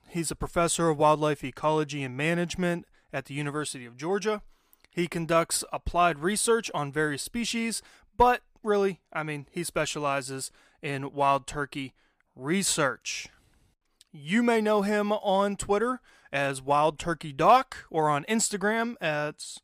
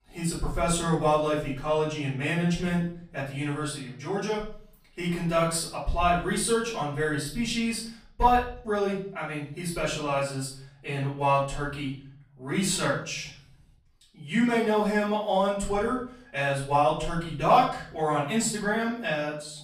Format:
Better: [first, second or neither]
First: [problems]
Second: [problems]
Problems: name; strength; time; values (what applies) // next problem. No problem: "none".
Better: first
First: none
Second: off-mic speech; far // room echo; noticeable; dies away in 0.7 s